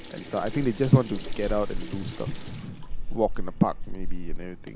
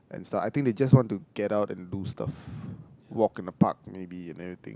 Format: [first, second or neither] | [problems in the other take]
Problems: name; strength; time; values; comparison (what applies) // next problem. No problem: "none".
second | background sound (Sink (filling or washing) / Water tap, faucet); 1 dB below the speech